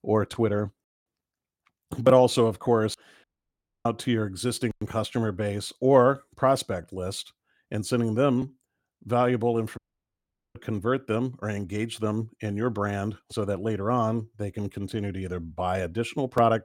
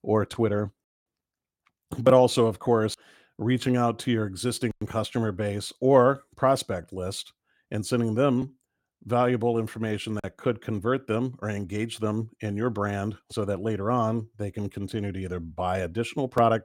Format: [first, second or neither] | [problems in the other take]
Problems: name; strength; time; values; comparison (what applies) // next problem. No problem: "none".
second | audio cutting out; at 3 s for 0.5 s and at 10 s for 1 s